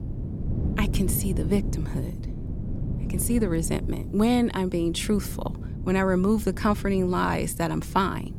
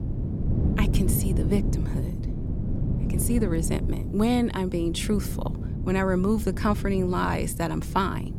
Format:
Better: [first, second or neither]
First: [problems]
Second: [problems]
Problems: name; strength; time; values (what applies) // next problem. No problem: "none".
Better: first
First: wind noise on the microphone; occasional gusts; 15 dB below the speech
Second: wind noise on the microphone; heavy; 10 dB below the speech